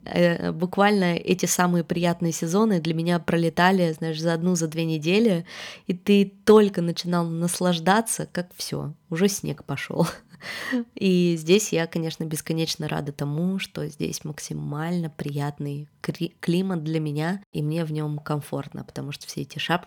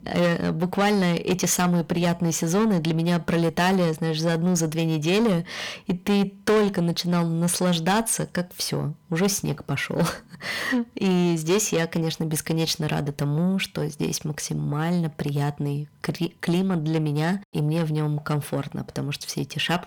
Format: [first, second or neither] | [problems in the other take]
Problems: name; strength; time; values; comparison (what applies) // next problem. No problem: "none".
first | distortion; heavy; 8 dB below the speech